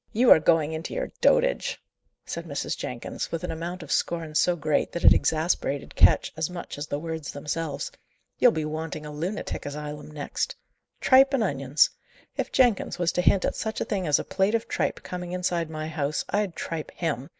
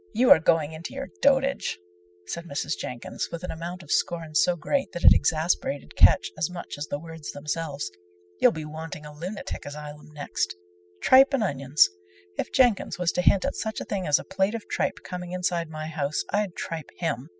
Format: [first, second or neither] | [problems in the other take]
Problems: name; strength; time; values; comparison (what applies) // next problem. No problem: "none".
first | noise reduction (classical method spectral subtraction)